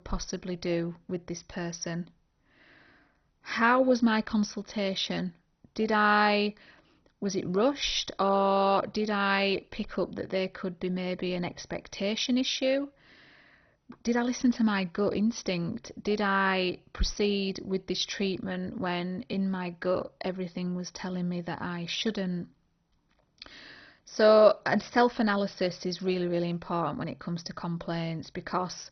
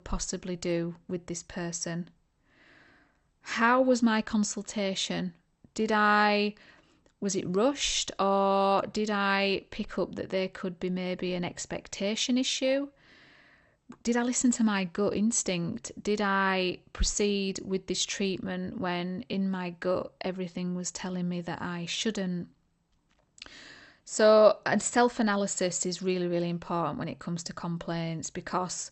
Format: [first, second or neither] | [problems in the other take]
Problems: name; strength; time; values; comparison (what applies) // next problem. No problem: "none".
second | garbled, watery; badly; nothing above 6 kHz; slightly in the second